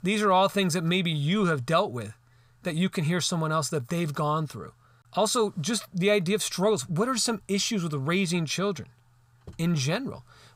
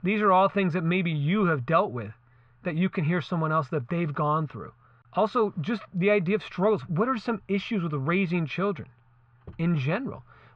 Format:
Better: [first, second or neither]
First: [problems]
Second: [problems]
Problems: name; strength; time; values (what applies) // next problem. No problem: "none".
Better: first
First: none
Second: muffled; very; fading above 2.5 kHz